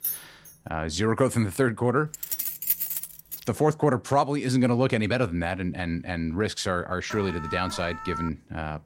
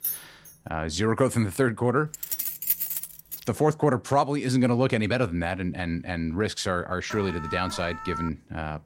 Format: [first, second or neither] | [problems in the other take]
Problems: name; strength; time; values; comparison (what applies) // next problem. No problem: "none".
neither | jangling keys; noticeable; at the start; peak 4 dB below the speech; the same in both // jangling keys; loud; from 2 to 3.5 s; peak 2 dB above the speech; the same in both // alarm; noticeable; from 7 to 8.5 s; peak 8 dB below the speech; the same in both